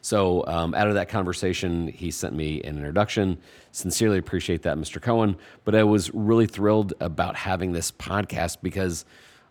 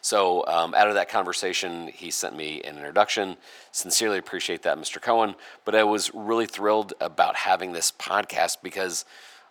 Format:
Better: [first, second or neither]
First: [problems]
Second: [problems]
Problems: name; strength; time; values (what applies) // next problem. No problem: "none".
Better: first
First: none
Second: thin; very; fading below 550 Hz